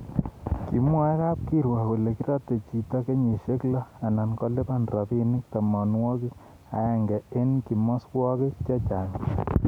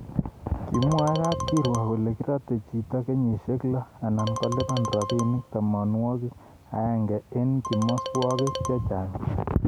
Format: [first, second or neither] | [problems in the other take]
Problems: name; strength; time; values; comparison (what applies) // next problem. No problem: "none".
first | background sound (Marimba, xylophone); 7 dB below the speech